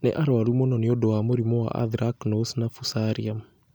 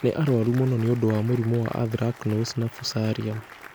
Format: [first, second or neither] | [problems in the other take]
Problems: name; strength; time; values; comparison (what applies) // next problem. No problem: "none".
first | background sound (Applause); 20 dB below the speech